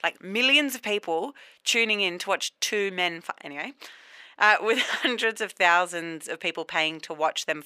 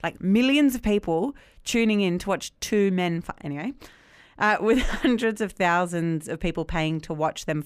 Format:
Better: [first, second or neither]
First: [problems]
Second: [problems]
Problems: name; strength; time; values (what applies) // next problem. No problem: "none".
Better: second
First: thin; somewhat; fading below 500 Hz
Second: none